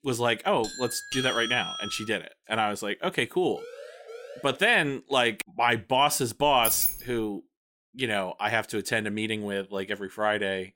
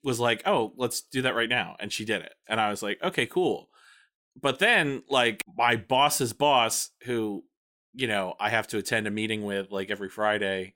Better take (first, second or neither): second